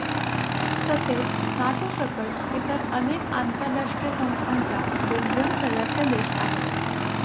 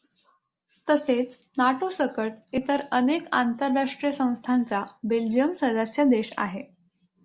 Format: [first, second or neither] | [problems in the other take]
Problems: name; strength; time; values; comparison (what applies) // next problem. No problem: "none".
second | background sound (Motorcycle / Engine); 3 dB above the speech